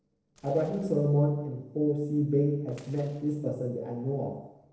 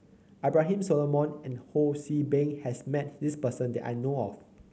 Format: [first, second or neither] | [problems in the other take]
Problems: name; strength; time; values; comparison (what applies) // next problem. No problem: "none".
second | noise reduction (neural separator model SepFormer DNS4)